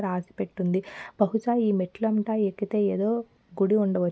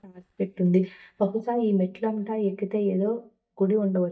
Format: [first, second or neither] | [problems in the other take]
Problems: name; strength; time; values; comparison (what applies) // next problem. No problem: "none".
first | noise reduction (neural mask model DeepFilterNet 3)